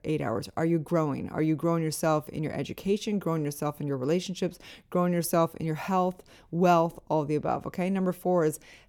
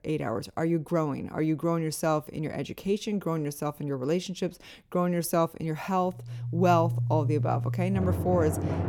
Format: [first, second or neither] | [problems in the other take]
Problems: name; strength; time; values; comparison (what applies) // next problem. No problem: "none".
first | background music; loud; from 6.5 s on; 2 dB below the speech